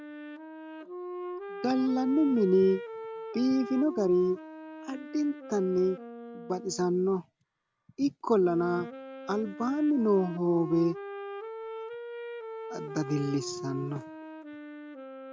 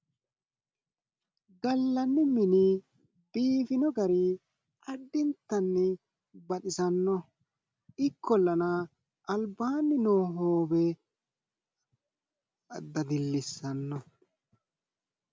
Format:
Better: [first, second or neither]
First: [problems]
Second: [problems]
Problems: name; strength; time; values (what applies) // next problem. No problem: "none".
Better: second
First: background sound (Wind instrument, woodwind instrument); 11 dB below the speech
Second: none